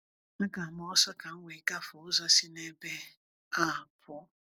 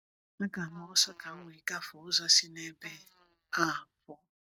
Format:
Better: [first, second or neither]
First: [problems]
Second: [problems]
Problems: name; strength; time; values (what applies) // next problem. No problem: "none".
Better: first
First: none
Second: noise reduction (neural mask model DeepFilterNet 3)